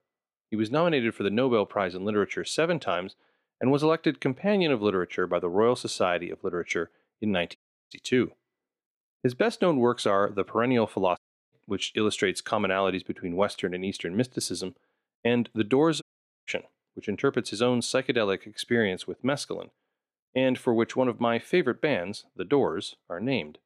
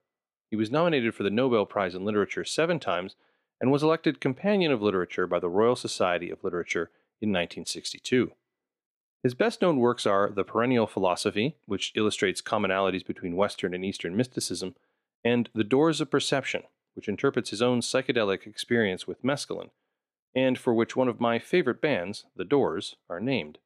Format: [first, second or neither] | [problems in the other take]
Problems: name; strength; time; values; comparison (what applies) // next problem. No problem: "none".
second | audio cutting out; at 7.5 s, at 11 s and at 16 s